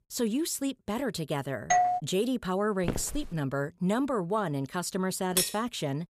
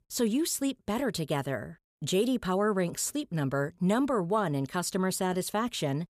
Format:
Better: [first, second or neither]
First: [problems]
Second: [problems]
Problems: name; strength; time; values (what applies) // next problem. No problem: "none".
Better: second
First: doorbell; loud; at 1.5 s; peak 6 dB above the speech // footsteps; noticeable; at 3 s; peak 5 dB below the speech // clattering dishes; loud; at 5.5 s; peak 3 dB above the speech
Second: none